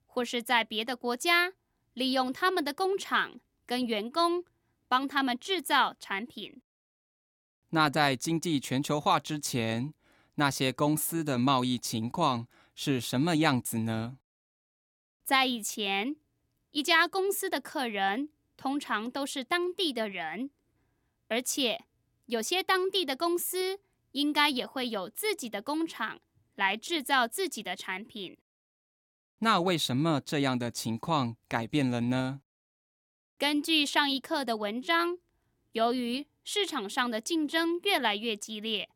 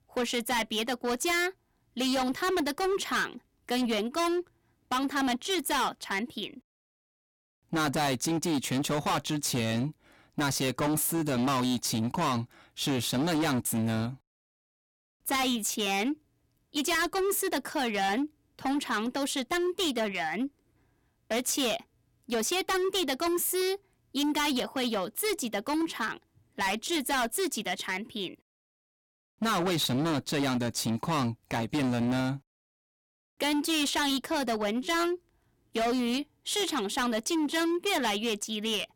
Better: first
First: none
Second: distortion; heavy; 19% of the sound clipped

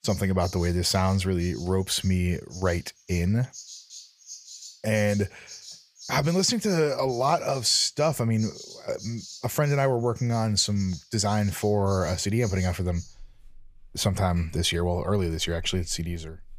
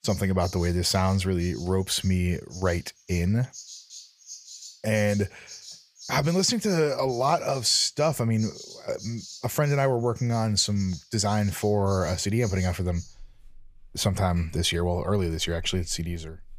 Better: neither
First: animal sounds; noticeable; throughout; 20 dB below the speech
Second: animal sounds; noticeable; throughout; 20 dB below the speech

